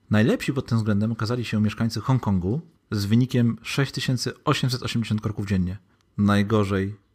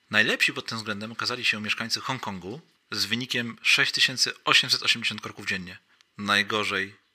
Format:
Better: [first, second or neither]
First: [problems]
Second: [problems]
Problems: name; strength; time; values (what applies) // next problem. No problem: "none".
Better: first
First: none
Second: thin; very; fading below 1 kHz